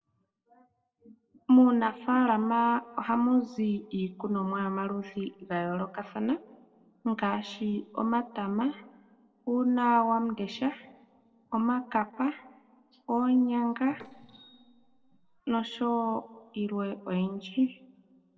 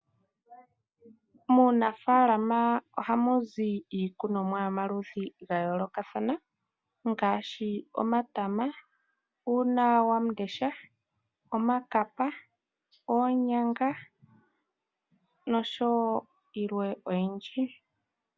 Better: second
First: noise reduction (neural separator model SepFormer DNS4)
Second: none

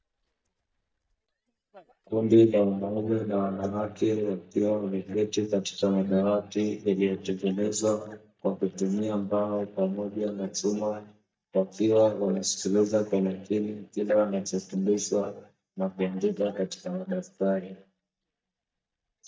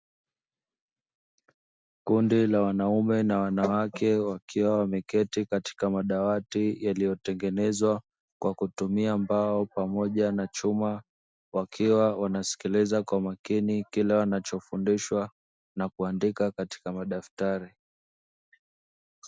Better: second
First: noise reduction (neural mask model DeepFilterNet 3)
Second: none

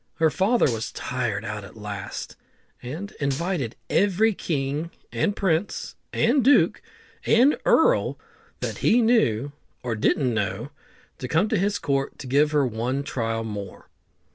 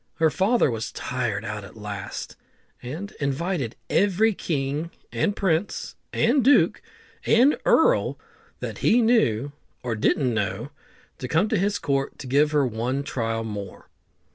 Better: second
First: background sound (Gunshot, gunfire); 19 dB below the speech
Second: none

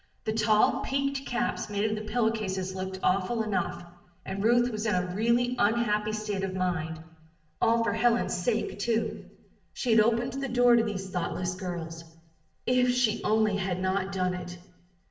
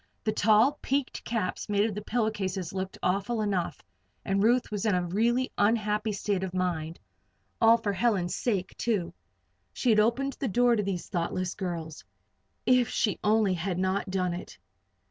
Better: second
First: room echo; dies away in 0.8 s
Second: none

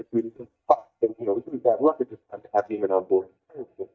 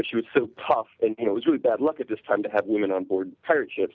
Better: second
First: noise reduction (neural mask model DeepFilterNet 3)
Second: none

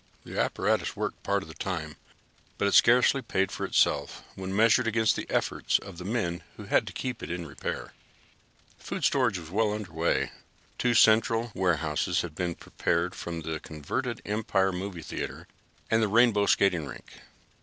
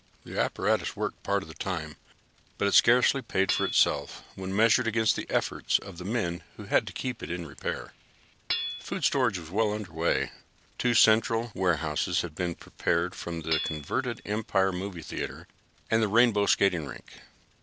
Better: first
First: none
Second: background sound (Hammer / Chink, clink); 15 dB below the speech

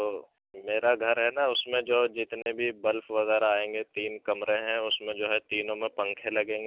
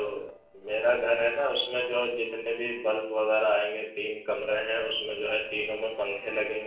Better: first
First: none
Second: noise reduction (neural separator model SepFormer DNS4)

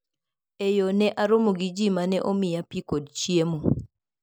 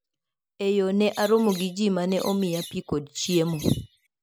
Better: first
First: none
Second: background sound (Bird); 16 dB below the speech

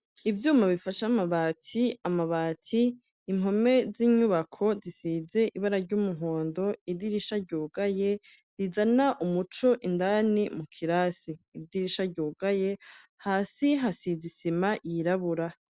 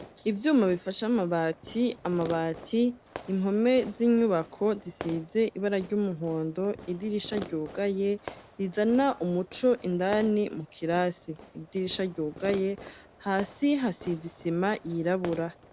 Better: first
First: none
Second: background sound (Fireworks); 18 dB below the speech

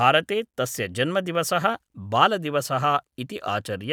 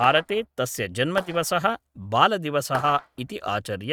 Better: first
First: none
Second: noise reduction (neural mask model RNNoise)

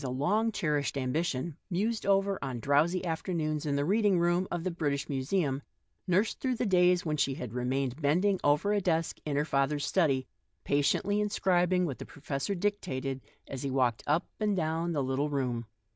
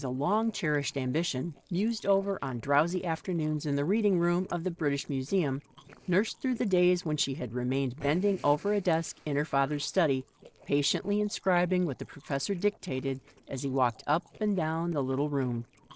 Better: first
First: none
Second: noise reduction (neural separator model SepFormer DNS4)

